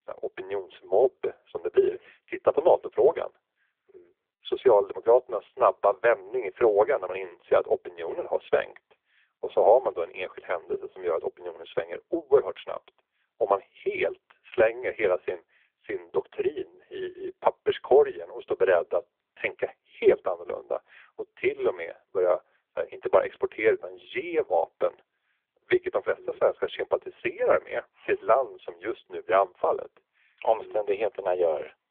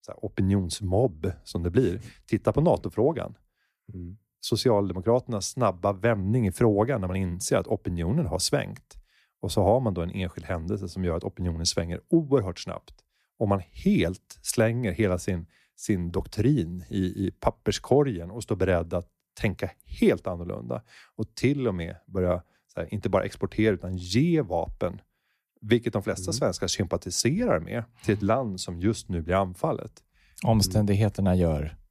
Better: second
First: phone-call audio; poor line; nothing above 3.5 kHz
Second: none

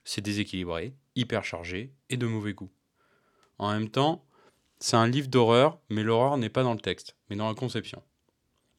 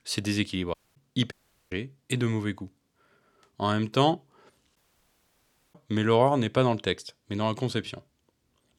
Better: first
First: none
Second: audio cutting out; at 0.5 s, at 1.5 s and at 5 s for 1 s

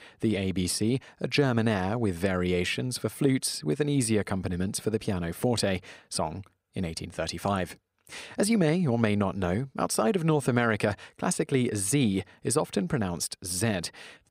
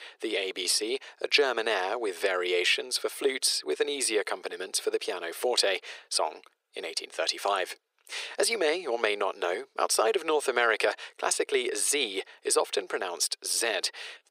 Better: first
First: none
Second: thin; very; fading below 400 Hz

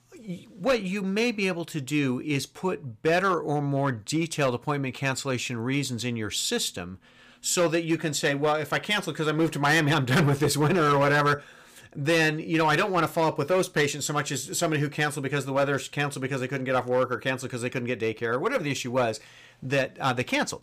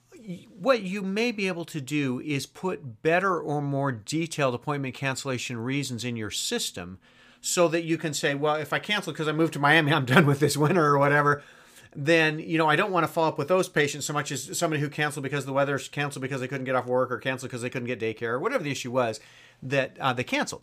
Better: second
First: distortion; slight; 5% of the sound clipped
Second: none

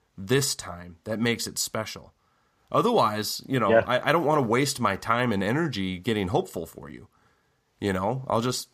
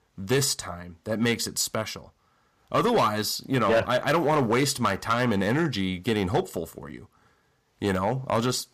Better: first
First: none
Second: distortion; slight; 4% of the sound clipped

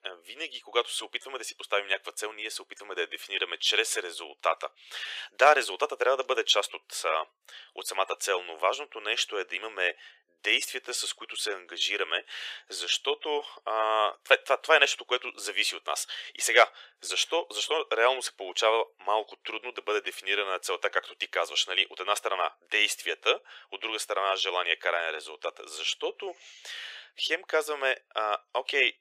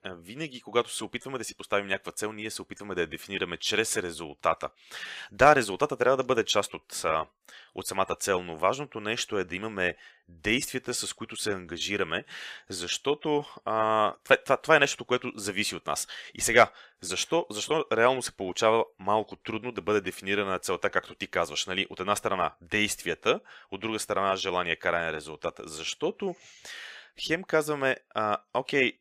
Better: second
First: thin; very; fading below 400 Hz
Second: none

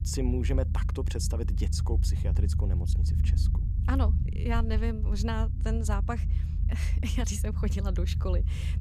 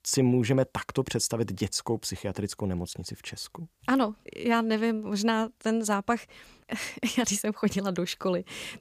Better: second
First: low rumble; loud; throughout; 8 dB below the speech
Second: none

